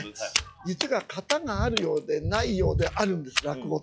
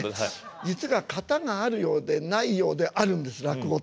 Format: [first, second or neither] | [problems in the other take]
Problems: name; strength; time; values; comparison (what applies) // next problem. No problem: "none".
second | noise reduction (classical method log-MMSE)